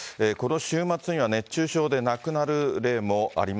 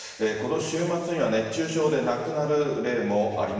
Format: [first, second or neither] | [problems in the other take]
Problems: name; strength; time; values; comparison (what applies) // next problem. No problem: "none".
first | room echo; dies away in 1.3 s